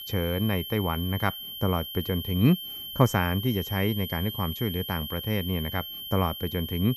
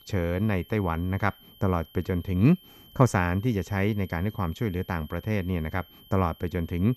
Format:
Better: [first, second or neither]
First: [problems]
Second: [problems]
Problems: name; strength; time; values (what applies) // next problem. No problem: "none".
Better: second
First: high-pitched whine; loud; throughout; 3 kHz, 7 dB below the speech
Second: high-pitched whine; faint; throughout; 3 kHz, 25 dB below the speech